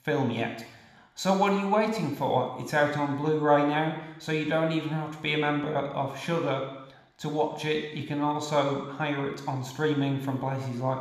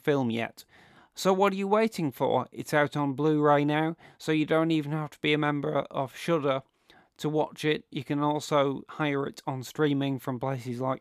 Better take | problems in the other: second | room echo; noticeable; dies away in 0.9 s

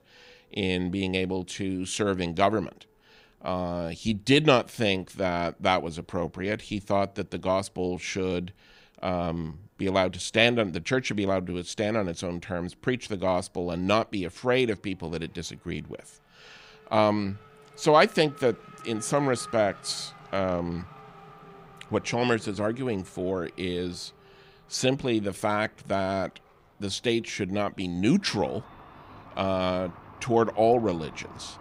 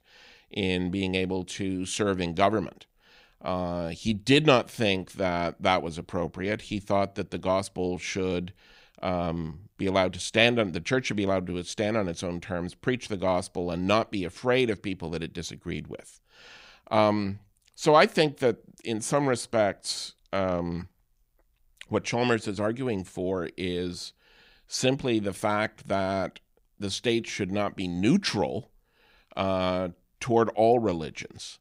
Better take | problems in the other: second | traffic noise; faint; throughout; 20 dB below the speech

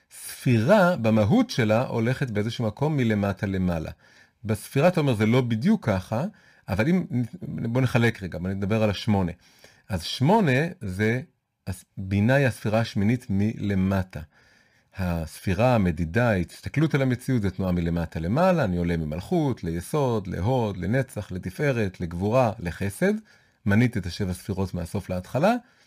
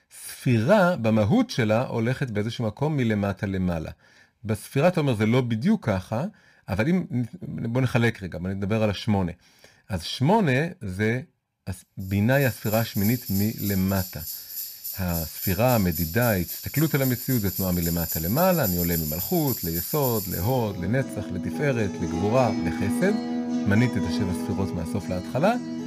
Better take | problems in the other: first | background music; loud; from 12 s on; 5 dB below the speech

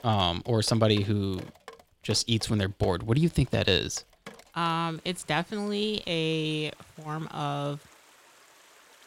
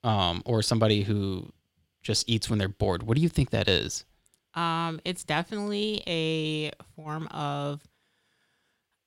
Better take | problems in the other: second | rain or running water; faint; throughout; 25 dB below the speech

